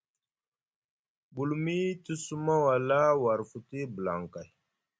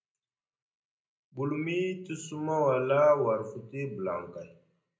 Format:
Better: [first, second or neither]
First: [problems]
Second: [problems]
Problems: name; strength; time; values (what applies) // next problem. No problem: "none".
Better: first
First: none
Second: room echo; dies away in 0.5 s